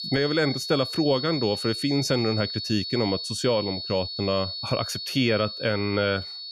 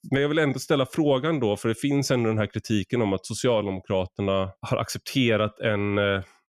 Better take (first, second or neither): second